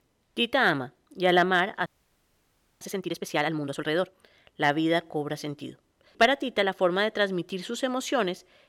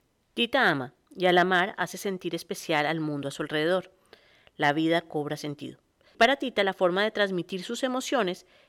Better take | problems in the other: second | audio freezing; at 2 s for 1 s

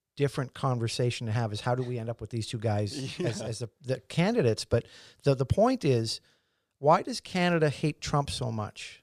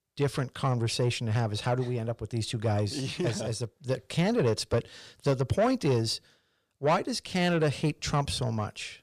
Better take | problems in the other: first | distortion; slight; 10 dB below the speech

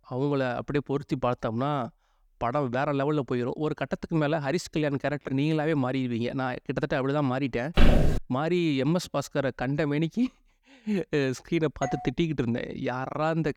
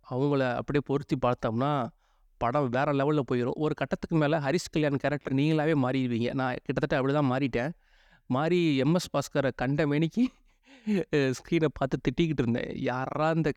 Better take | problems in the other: second | footsteps; loud; at 8 s; peak 5 dB above the speech // doorbell; noticeable; at 12 s; peak 9 dB below the speech

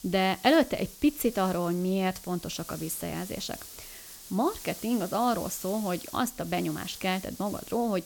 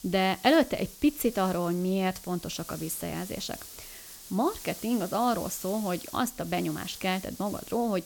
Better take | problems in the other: neither | hiss; noticeable; throughout; 15 dB below the speech; the same in both

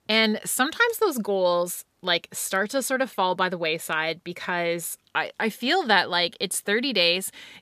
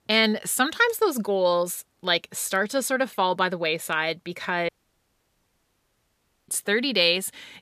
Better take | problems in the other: first | audio cutting out; at 4.5 s for 2 s

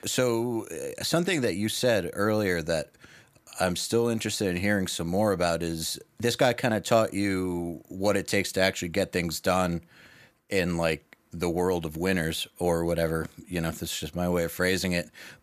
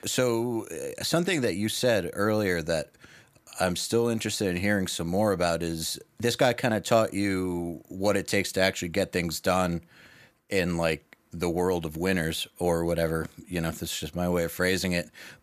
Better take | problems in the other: neither | none

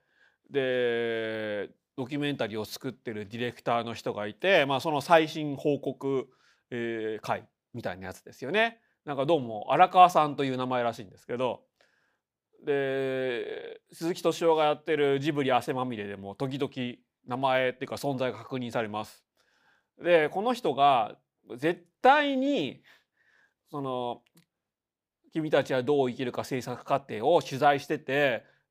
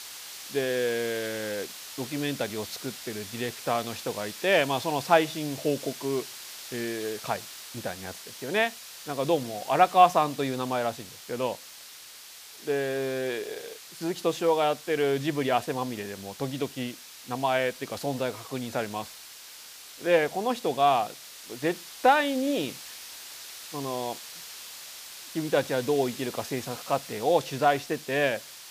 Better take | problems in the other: first | hiss; noticeable; throughout; 15 dB below the speech

